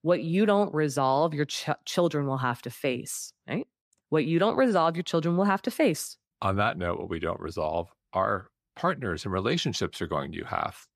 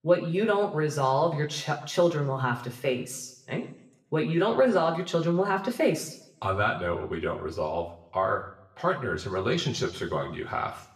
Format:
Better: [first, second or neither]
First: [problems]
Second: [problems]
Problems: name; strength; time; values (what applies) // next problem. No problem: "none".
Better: first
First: none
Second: room echo; slight; dies away in 0.6 s // off-mic speech; somewhat distant